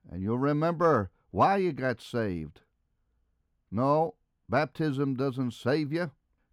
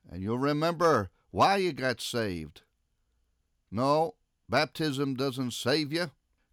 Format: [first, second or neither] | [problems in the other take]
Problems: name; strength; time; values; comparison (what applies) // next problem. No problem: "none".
second | muffled; slightly; fading above 2.5 kHz